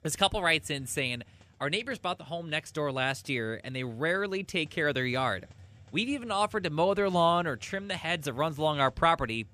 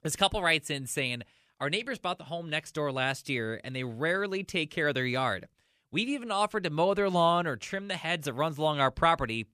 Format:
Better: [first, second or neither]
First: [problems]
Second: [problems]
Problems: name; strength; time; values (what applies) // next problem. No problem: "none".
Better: second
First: hiss; faint; throughout; 25 dB below the speech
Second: none